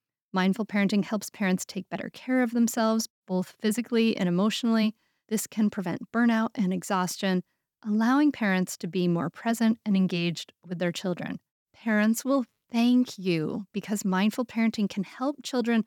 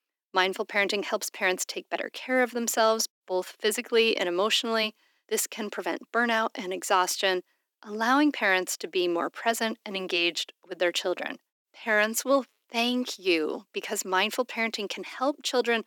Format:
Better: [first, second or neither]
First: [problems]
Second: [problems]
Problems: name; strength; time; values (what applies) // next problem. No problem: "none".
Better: first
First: none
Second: thin; somewhat; fading below 300 Hz